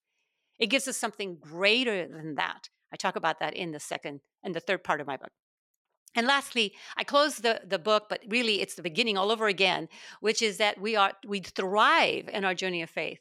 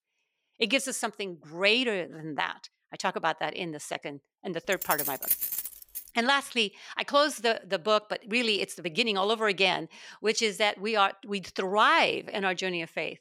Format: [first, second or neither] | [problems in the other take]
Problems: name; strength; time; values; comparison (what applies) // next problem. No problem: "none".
first | jangling keys; loud; from 4.5 to 6 s; peak 1 dB above the speech